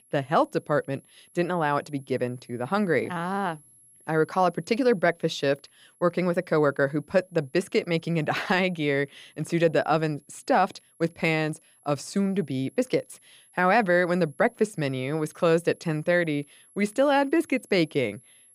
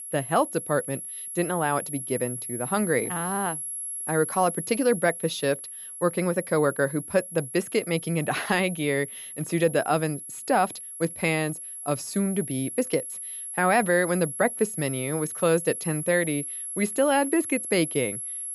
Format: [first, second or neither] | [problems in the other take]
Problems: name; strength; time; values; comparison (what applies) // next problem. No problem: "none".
first | high-pitched whine; loud; throughout; 11 kHz, 7 dB below the speech; faint in the first